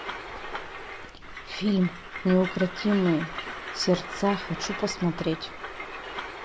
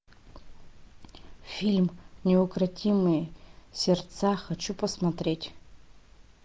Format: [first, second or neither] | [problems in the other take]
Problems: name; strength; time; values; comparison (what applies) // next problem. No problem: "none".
second | background sound (Train); 9 dB below the speech